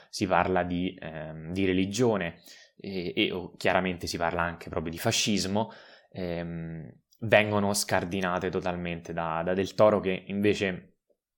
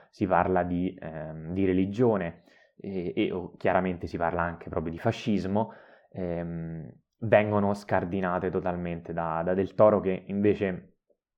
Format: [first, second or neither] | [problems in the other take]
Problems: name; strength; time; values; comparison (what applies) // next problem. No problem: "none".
first | muffled; very; fading above 3 kHz